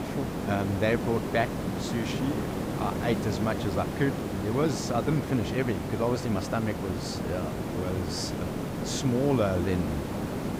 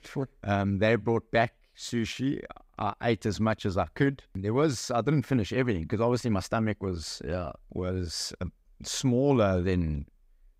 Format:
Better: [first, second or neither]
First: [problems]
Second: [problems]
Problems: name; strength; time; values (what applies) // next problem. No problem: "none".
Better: second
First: hiss; loud; throughout; 2 dB below the speech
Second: none